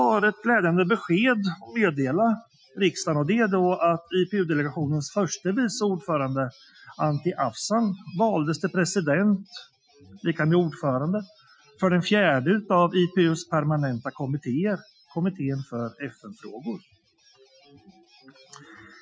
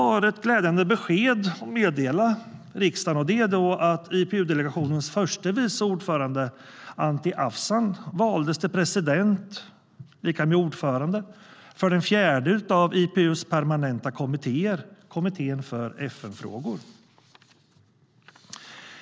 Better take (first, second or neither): second